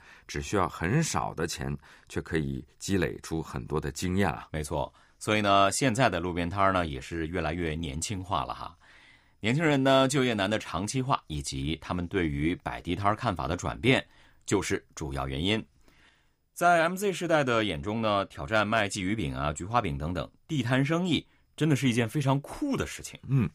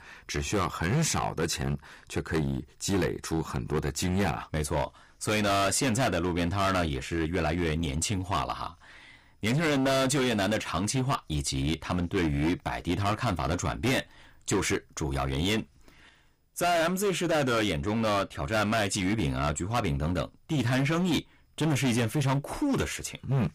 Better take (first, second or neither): first